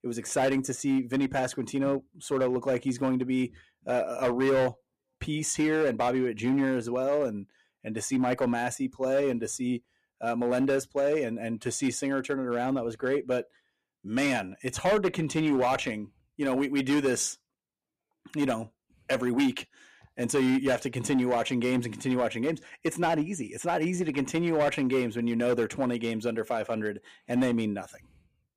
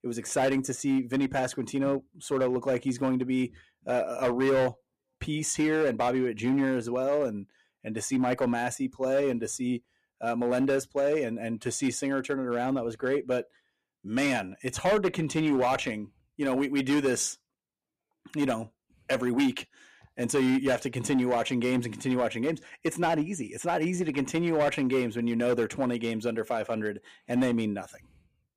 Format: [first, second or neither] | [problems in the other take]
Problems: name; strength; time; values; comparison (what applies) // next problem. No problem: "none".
neither | distortion; slight; 6% of the sound clipped; the same in both